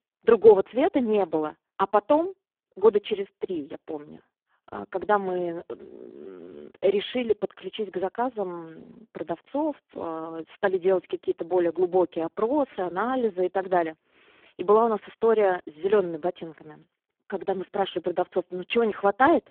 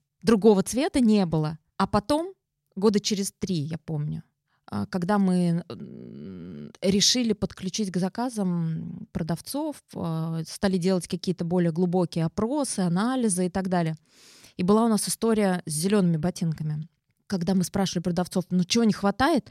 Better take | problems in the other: second | phone-call audio; poor line

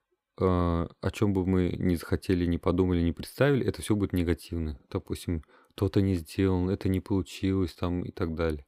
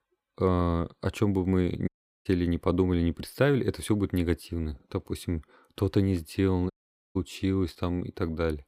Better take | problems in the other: first | audio cutting out; at 2 s and at 6.5 s

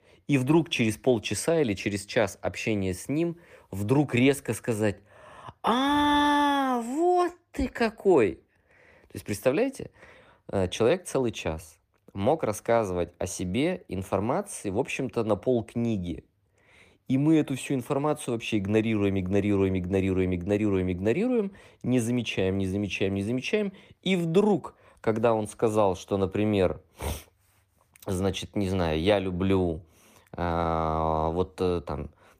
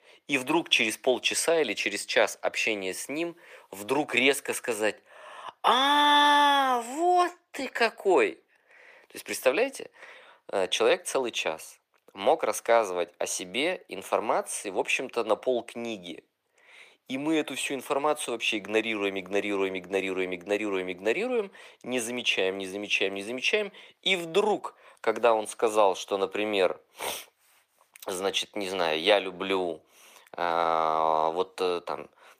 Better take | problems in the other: first | thin; somewhat; fading below 550 Hz

